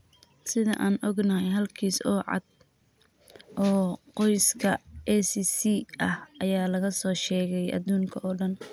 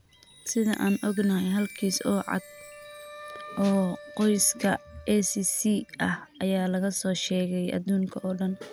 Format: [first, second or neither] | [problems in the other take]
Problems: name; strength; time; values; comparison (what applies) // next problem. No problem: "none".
first | background sound (Wind instrument, woodwind instrument + Chime); 20 dB below the speech